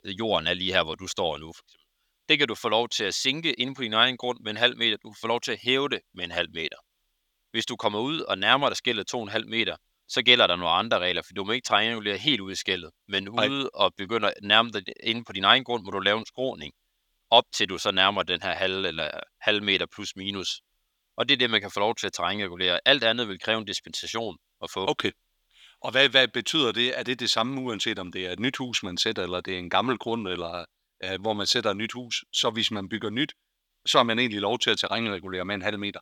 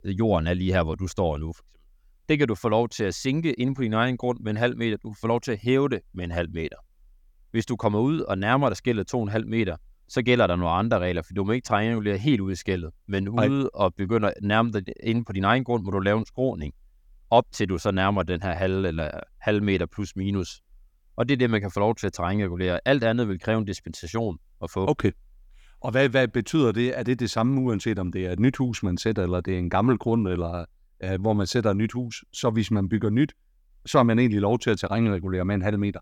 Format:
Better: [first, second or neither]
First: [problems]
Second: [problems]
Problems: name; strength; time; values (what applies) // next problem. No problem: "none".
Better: second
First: thin; somewhat; fading below 800 Hz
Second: none